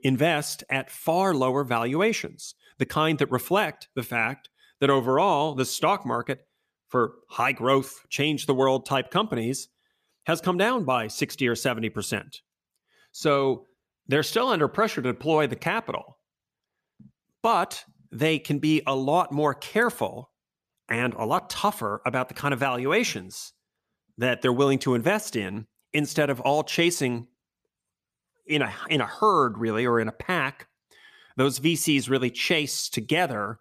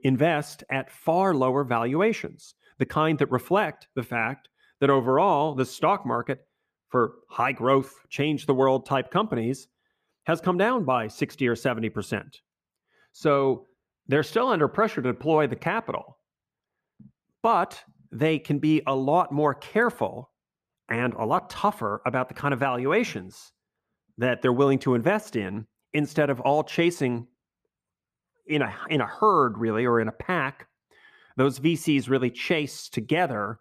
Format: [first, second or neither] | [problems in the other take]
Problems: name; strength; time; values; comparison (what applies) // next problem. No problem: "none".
first | muffled; slightly; fading above 2.5 kHz